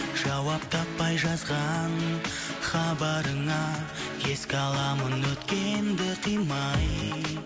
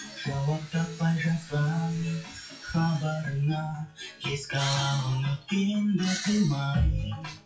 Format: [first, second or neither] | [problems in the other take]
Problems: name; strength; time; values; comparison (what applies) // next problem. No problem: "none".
first | noise reduction (classical method WPE with log-MMSE)